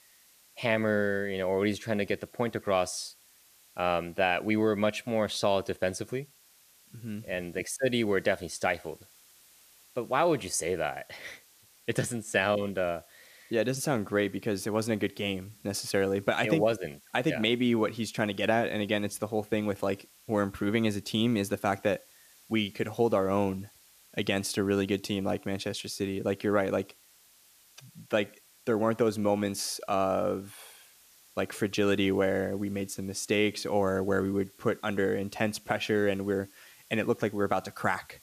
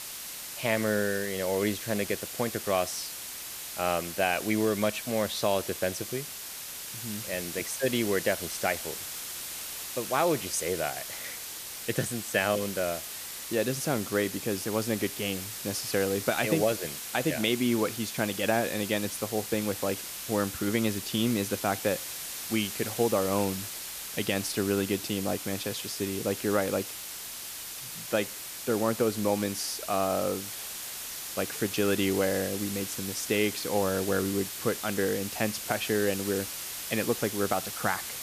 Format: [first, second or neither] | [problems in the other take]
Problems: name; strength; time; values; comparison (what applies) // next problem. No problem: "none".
first | hiss; loud; throughout; 6 dB below the speech; faint in the first